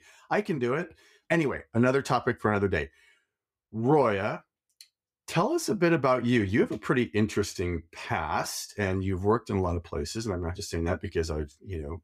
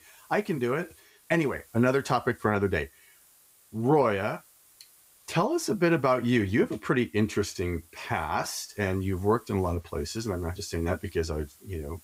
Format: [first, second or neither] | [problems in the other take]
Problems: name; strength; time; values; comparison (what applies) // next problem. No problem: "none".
first | hiss; faint; throughout; 25 dB below the speech